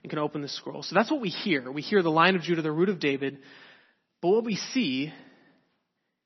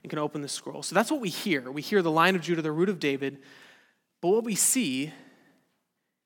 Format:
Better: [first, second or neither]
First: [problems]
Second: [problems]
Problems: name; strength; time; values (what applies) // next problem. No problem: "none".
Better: second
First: garbled, watery; slightly; nothing above 6 kHz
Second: none